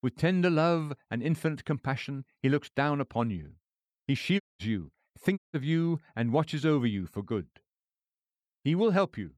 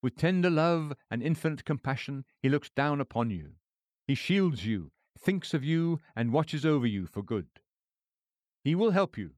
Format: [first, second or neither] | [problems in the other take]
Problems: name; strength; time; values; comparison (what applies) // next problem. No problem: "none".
second | audio cutting out; at 4.5 s and at 5.5 s